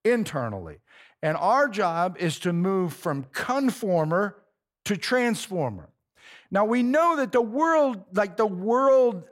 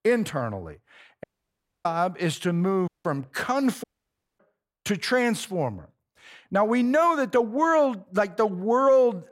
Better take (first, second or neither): first